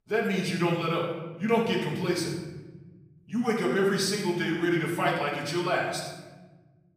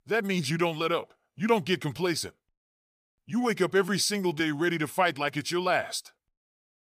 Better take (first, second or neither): second